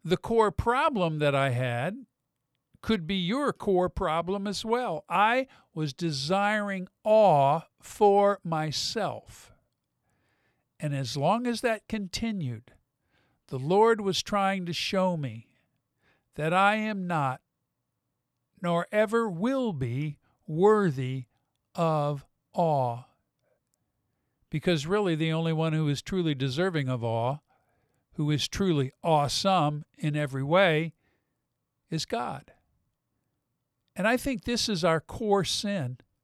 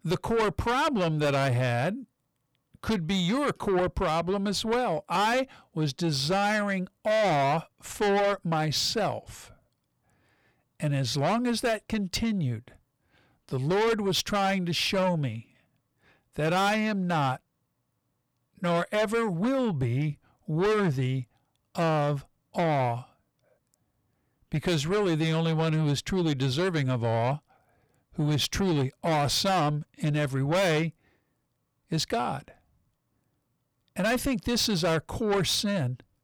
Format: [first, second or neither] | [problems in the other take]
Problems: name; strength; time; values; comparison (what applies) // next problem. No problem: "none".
first | distortion; heavy; 7 dB below the speech